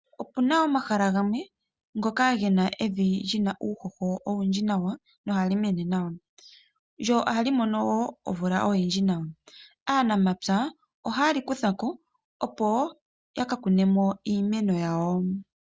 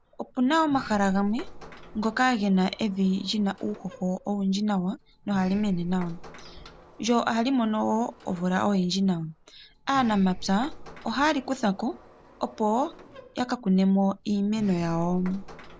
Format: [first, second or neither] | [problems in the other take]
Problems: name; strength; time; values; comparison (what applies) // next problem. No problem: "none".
first | background sound (Sliding door); 17 dB below the speech